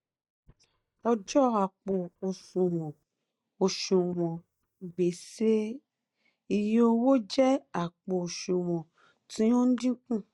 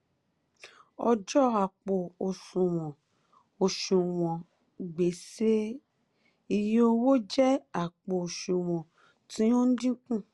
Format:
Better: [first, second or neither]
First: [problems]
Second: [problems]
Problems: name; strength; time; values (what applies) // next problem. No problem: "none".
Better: second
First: noise reduction (neural mask model DeepFilterNet 3)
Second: none